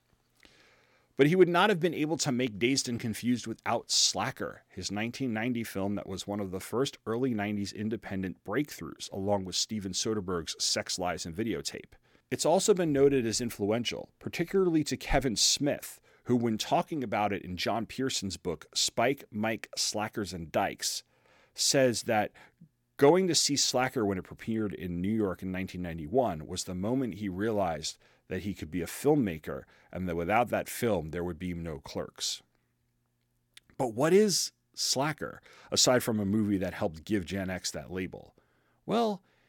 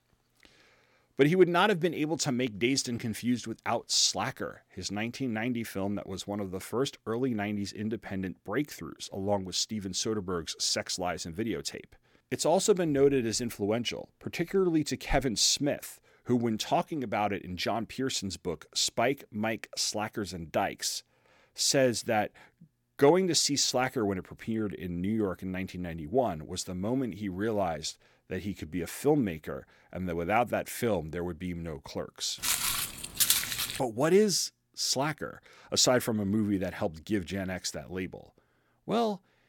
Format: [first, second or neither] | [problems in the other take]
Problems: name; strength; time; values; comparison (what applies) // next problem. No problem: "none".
first | footsteps; loud; from 32 to 34 s; peak 6 dB above the speech